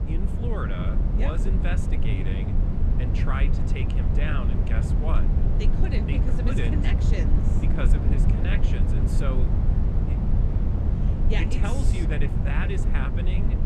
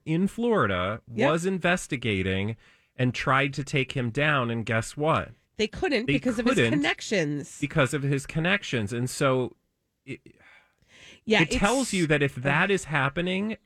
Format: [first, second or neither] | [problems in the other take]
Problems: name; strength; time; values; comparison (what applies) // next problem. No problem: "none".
second | low rumble; loud; throughout; 1 dB below the speech